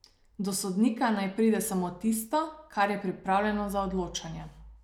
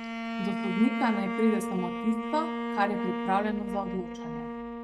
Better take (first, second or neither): first